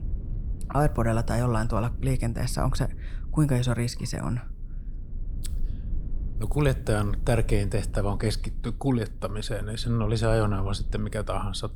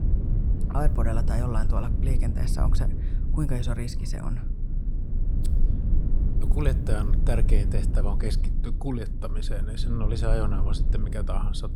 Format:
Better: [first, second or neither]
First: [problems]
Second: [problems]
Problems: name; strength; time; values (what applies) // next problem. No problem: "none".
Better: first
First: low rumble; faint; throughout; 20 dB below the speech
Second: low rumble; loud; throughout; 7 dB below the speech